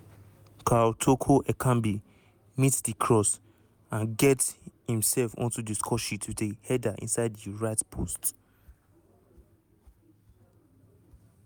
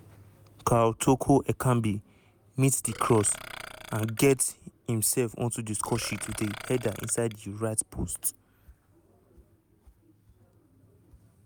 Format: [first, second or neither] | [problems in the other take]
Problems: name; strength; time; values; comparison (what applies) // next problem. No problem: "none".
first | background sound (Burping, eructation); 15 dB below the speech